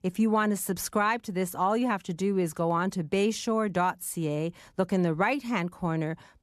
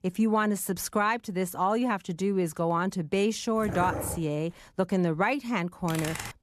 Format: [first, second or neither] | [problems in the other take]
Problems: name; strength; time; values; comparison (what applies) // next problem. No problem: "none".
first | dog barking; noticeable; at 3.5 s; peak 5 dB below the speech // keyboard typing; noticeable; at 6 s; peak 7 dB below the speech